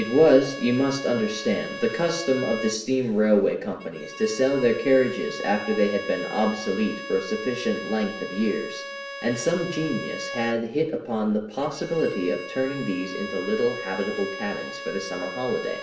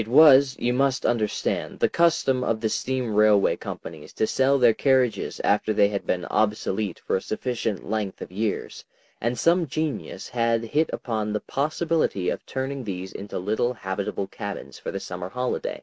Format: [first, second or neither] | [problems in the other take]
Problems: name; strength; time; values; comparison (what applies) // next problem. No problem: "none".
second | background sound (Bowed string instrument); 11 dB below the speech // room echo; dies away in 0.7 s